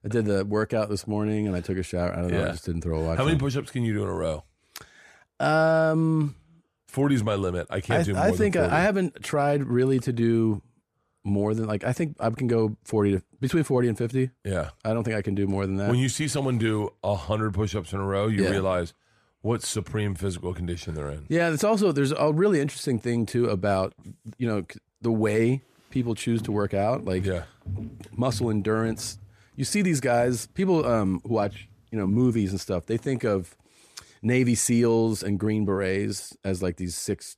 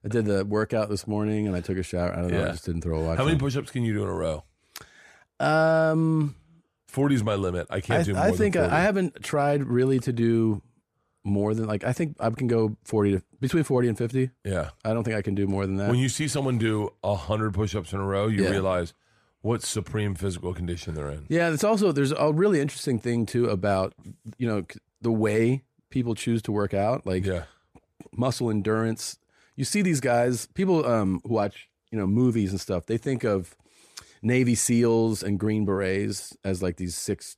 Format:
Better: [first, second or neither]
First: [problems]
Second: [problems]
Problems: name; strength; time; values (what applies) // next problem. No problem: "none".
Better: second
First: footsteps; noticeable; from 26 to 32 s; peak 10 dB below the speech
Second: none